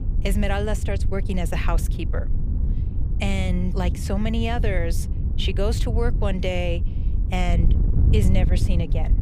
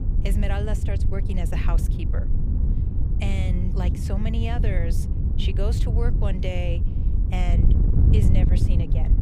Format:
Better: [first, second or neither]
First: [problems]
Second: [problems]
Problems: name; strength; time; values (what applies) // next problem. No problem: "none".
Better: first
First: wind noise on the microphone; occasional gusts; 10 dB below the speech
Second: wind noise on the microphone; heavy; 3 dB below the speech